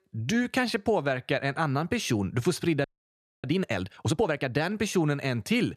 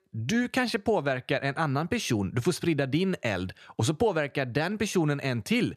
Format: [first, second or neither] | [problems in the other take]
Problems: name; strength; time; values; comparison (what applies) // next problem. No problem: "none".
second | audio freezing; at 3 s for 0.5 s